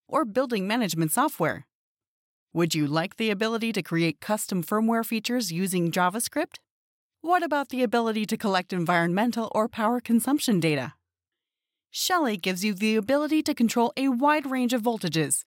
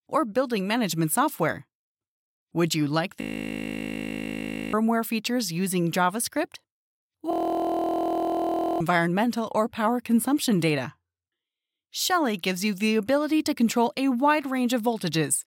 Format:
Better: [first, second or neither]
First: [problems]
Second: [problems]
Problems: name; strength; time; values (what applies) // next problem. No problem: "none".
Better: first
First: none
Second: audio freezing; at 3 s for 1.5 s and at 7.5 s for 1.5 s